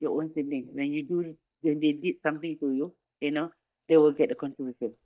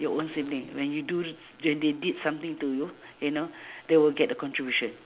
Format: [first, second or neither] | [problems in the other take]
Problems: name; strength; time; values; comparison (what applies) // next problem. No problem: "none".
second | noise reduction (neural mask model DeepFilterNet 3)